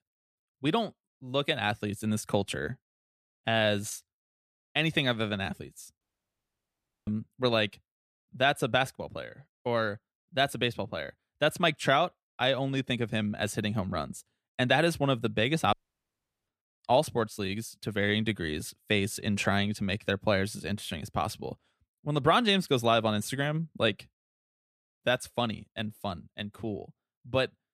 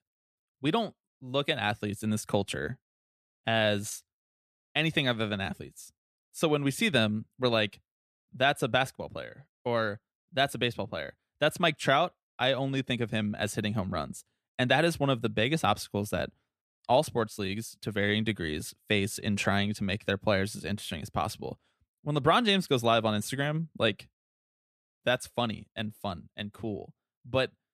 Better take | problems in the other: second | audio cutting out; at 6 s for 1 s and at 16 s for 0.5 s

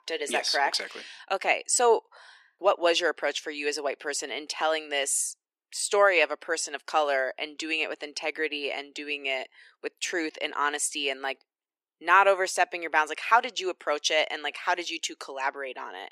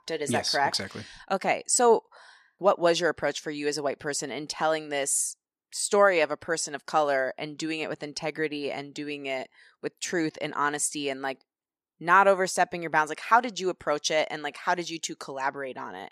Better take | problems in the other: second | thin; somewhat; fading below 350 Hz

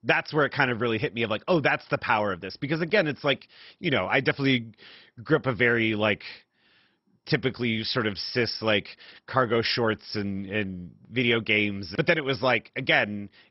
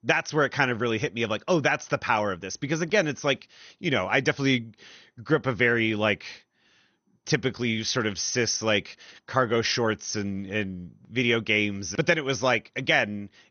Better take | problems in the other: second | garbled, watery; badly; nothing above 5.5 kHz; slightly in the second

